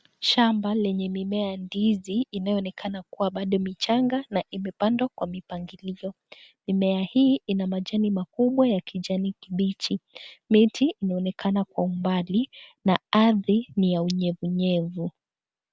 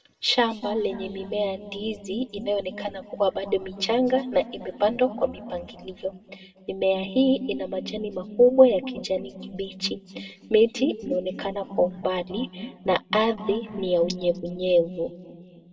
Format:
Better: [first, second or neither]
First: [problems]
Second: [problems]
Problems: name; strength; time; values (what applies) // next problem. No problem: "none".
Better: first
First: none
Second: room echo; dies away in 1.8 s